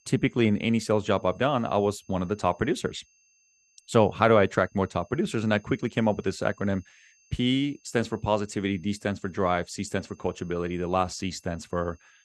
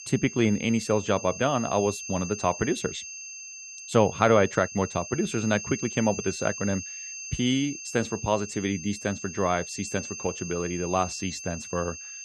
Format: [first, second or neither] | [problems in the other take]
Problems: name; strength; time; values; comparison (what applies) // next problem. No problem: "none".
first | high-pitched whine; loud; throughout; 6.5 kHz, 10 dB below the speech; faint in the first